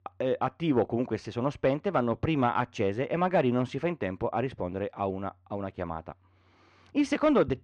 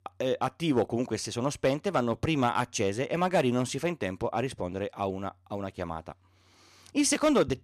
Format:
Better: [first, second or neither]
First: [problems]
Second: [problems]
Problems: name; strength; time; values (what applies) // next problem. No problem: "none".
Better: second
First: muffled; very; fading above 2.5 kHz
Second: none